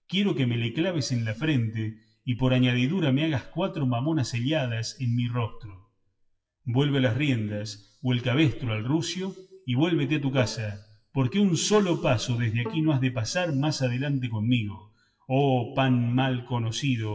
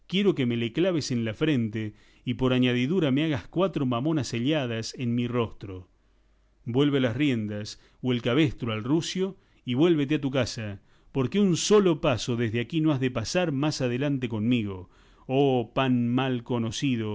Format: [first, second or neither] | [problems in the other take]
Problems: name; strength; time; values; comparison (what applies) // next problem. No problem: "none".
second | noise reduction (classical method WPE with log-MMSE)